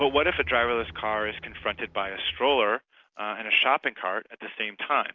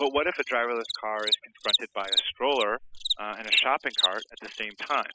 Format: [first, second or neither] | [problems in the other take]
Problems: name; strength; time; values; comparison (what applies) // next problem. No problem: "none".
first | noise reduction (classical method spectral subtraction)